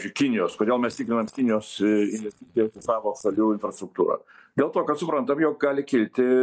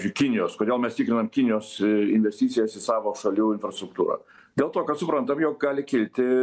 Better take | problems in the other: second | noise reduction (neural mask model DeepFilterNet 3)

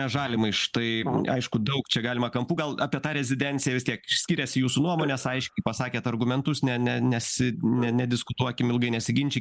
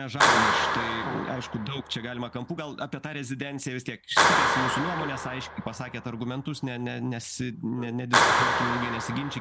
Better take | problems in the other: first | background sound (Clapping); 5 dB above the speech

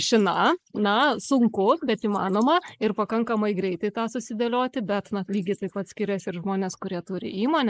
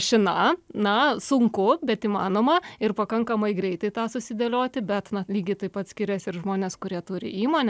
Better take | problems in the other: second | noise reduction (neural mask model Resemble Enhance denoiser)

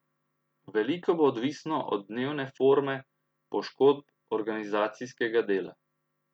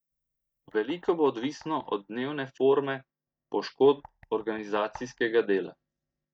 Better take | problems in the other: first | noise reduction (neural mask model DeepFilterNet 3)

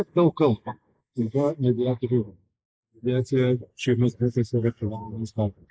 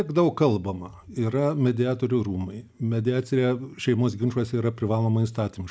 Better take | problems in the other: second | noise reduction (neural mask model Resemble Enhance denoiser)

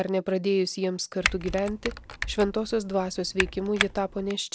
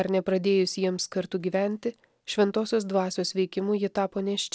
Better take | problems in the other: second | background sound (Typing); 5 dB below the speech

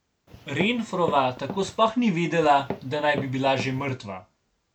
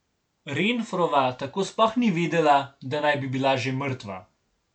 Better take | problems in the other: second | background sound (Walk, footsteps); 12 dB below the speech

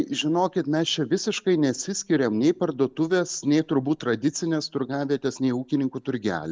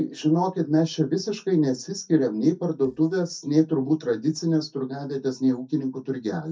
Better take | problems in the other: first | noise reduction (neural mask model DeepFilterNet 3)

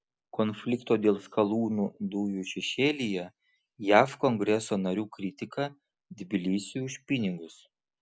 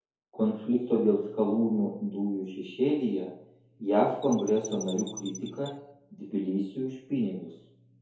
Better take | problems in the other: first | background sound (Chirp, tweet); 15 dB below the speech // room echo; dies away in 2.3 s

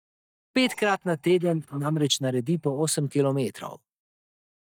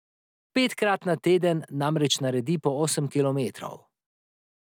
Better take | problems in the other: second | noise reduction (neural mask model DeepFilterNet 3)

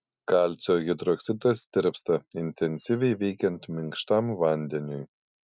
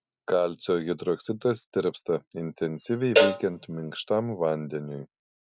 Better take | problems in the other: first | background sound (Cowbell); as loud as the speech

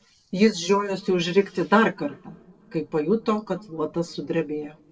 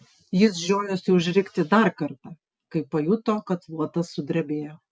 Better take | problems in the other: second | noise reduction (neural separator model SepFormer DNS4)

